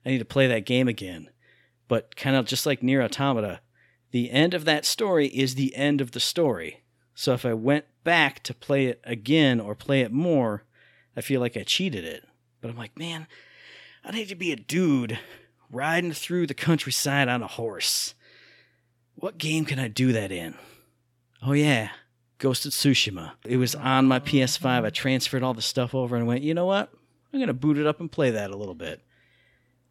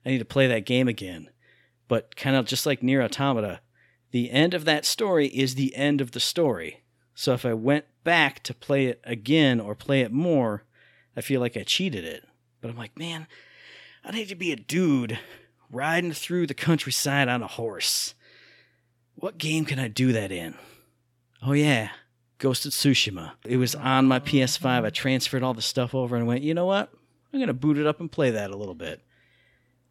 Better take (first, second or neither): neither